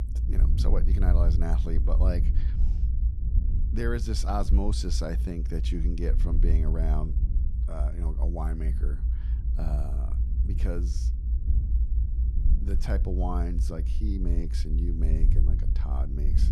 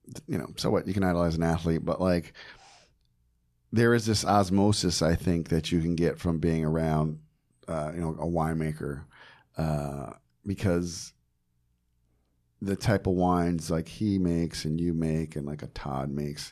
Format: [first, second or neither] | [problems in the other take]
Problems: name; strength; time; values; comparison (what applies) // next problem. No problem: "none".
second | low rumble; loud; throughout; 8 dB below the speech